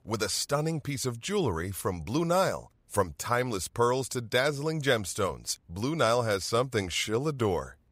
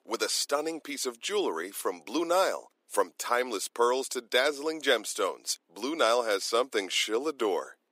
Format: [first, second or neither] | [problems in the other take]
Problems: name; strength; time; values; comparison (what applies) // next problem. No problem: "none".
first | thin; somewhat; fading below 300 Hz